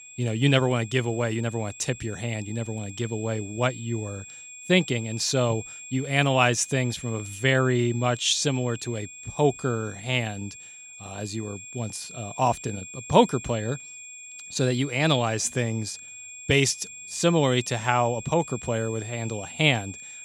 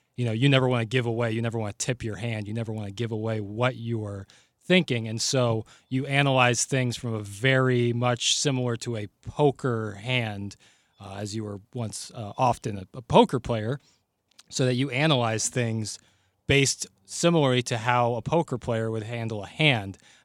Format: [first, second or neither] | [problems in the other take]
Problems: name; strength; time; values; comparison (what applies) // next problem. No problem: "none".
second | high-pitched whine; noticeable; throughout; 7.5 kHz, 15 dB below the speech